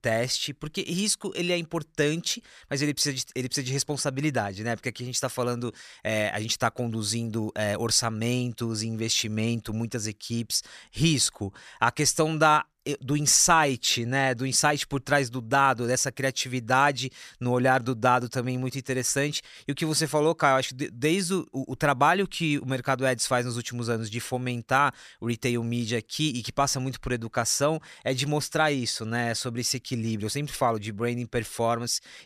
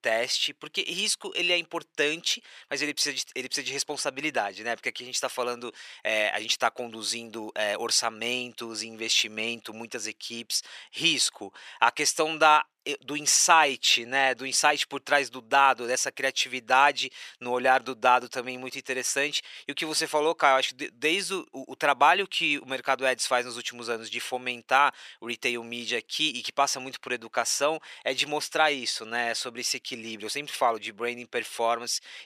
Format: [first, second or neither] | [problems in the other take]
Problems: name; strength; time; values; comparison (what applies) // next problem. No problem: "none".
first | thin; somewhat; fading below 400 Hz